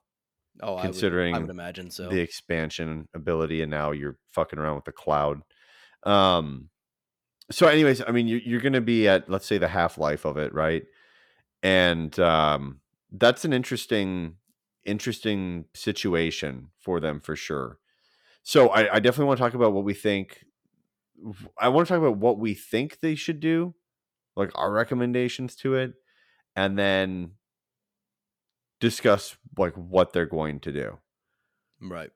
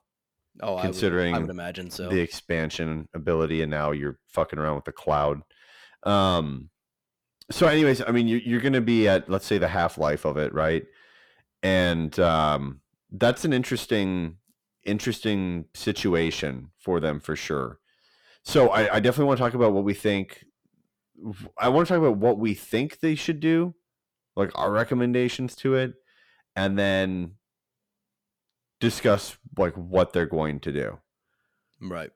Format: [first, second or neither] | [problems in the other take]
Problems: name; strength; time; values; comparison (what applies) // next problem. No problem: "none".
first | distortion; slight; 10 dB below the speech